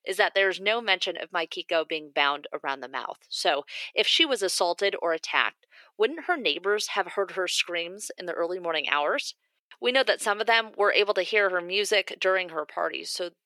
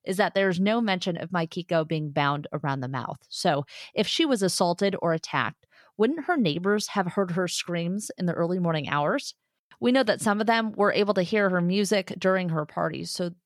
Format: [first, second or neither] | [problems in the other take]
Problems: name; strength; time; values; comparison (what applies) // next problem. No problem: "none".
second | thin; very; fading below 400 Hz